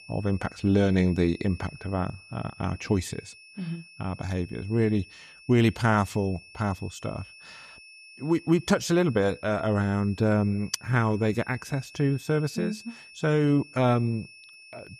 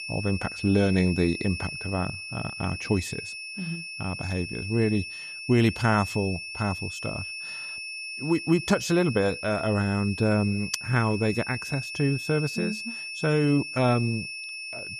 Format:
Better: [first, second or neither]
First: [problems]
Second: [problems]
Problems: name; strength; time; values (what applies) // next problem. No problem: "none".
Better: first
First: high-pitched whine; faint; throughout; 2.5 kHz, 20 dB below the speech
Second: high-pitched whine; loud; throughout; 2.5 kHz, 8 dB below the speech